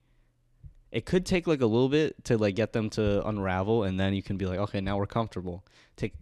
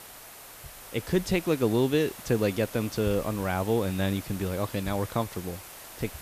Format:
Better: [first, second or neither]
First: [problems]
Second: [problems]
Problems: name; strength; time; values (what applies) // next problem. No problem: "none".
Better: first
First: none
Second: hiss; noticeable; throughout; 15 dB below the speech